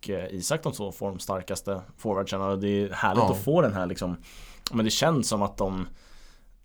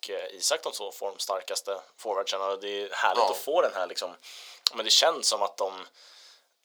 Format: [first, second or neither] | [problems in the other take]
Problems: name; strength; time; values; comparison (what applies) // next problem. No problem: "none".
first | thin; very; fading below 450 Hz